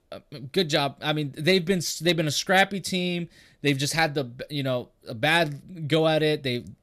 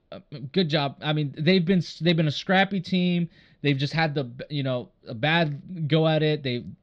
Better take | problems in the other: first | muffled; very slightly; fading above 4 kHz

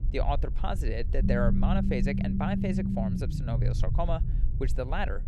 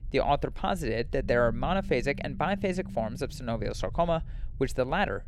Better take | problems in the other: second | low rumble; loud; throughout; 5 dB below the speech; faint in the second

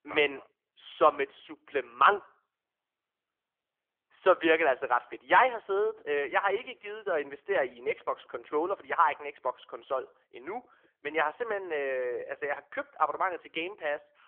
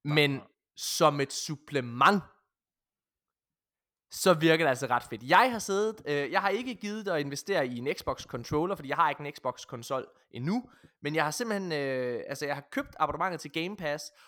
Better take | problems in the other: second | phone-call audio; poor line; nothing above 3.5 kHz

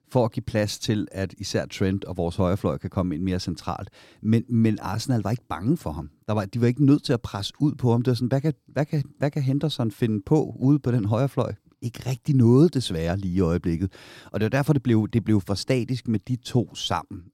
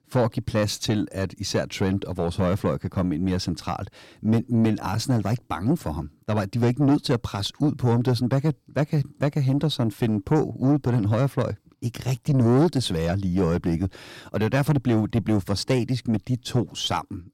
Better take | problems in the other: first | distortion; slight; 9 dB below the speech

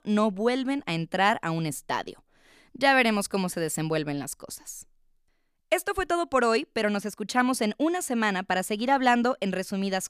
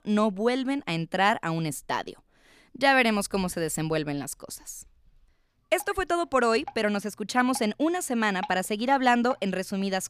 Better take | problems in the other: first | rain or running water; noticeable; throughout; 20 dB below the speech

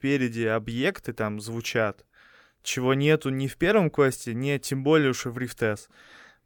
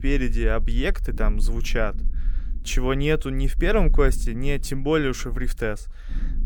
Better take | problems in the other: first | low rumble; faint; throughout; 25 dB below the speech

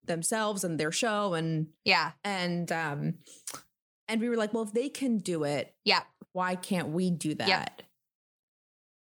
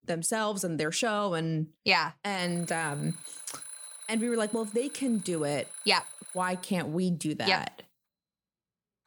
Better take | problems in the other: first | alarm; noticeable; from 2.5 to 6.5 s; peak 9 dB below the speech

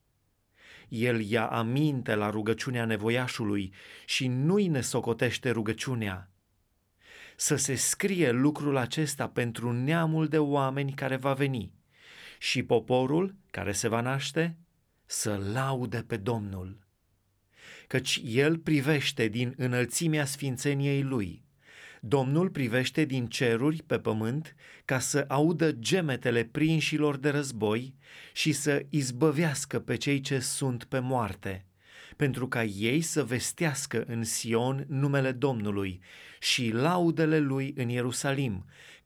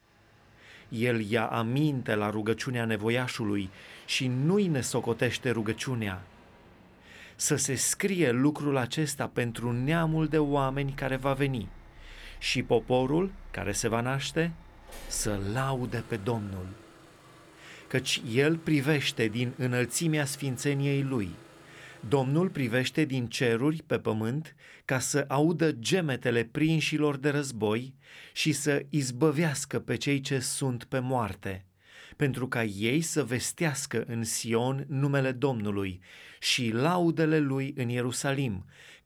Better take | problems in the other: first | traffic noise; faint; until 23 s; 25 dB below the speech

